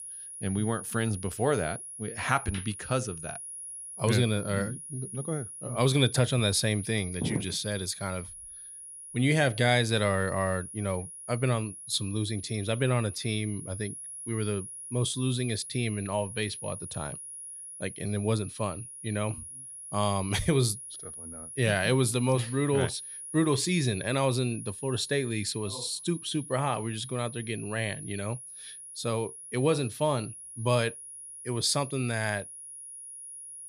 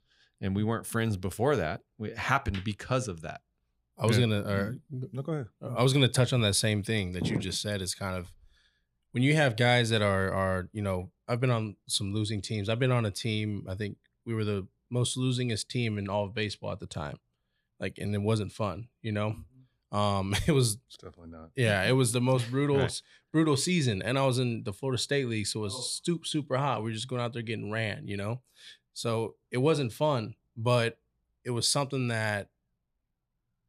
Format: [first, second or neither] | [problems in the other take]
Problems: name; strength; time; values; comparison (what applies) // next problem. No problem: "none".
second | high-pitched whine; noticeable; throughout; 10.5 kHz, 10 dB below the speech